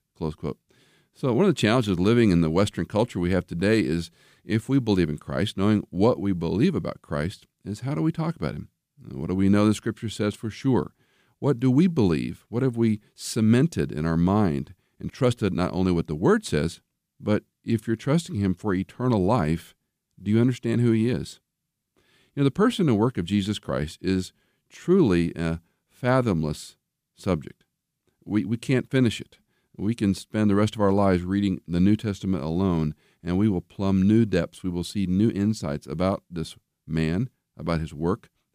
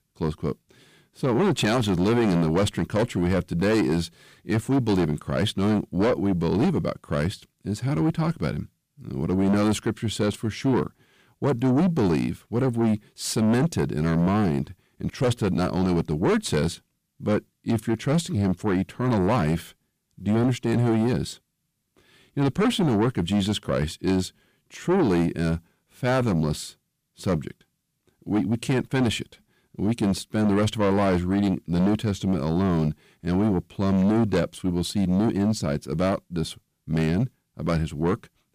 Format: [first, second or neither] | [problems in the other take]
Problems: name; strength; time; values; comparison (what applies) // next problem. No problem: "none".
first | distortion; heavy; 7 dB below the speech